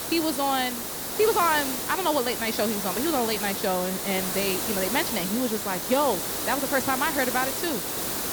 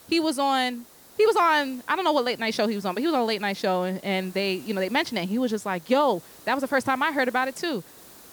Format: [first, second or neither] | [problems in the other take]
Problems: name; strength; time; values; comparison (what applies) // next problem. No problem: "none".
second | hiss; loud; throughout; 1 dB below the speech; faint in the second